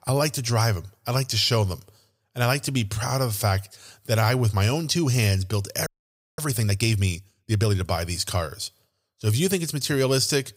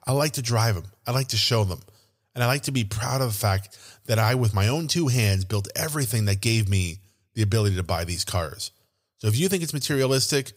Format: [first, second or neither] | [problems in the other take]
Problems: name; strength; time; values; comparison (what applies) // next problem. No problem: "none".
second | audio freezing; at 6 s for 0.5 s